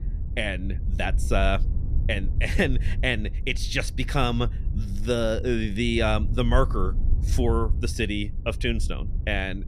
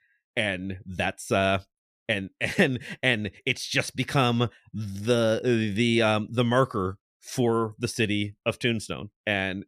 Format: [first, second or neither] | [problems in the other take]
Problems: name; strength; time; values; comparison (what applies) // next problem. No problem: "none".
second | wind noise on the microphone; occasional gusts; 20 dB below the speech